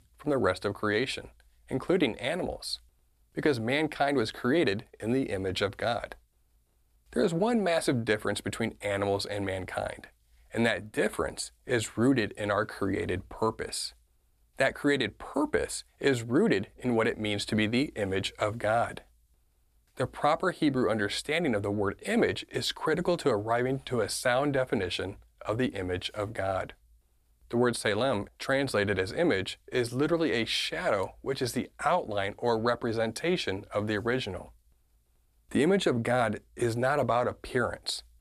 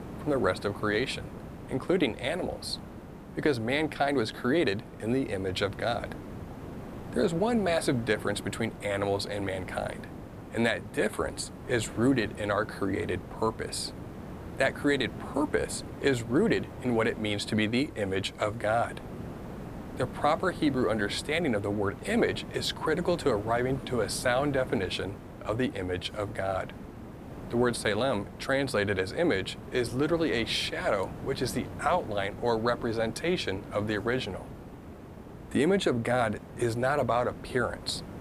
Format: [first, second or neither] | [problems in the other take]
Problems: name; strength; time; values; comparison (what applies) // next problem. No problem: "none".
first | hiss; noticeable; throughout; 15 dB below the speech